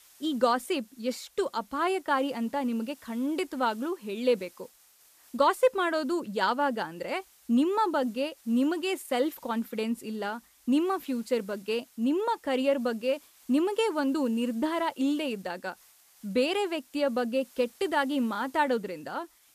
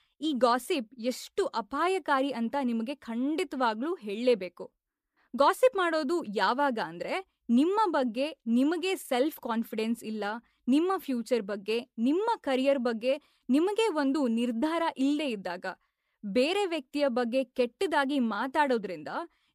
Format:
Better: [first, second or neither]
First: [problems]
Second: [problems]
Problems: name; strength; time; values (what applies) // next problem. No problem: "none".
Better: second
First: hiss; faint; throughout; 25 dB below the speech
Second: none